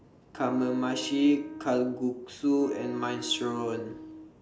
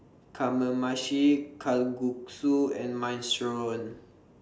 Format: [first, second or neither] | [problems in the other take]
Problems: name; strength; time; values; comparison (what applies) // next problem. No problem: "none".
second | background sound (Wind instrument, woodwind instrument); 13 dB below the speech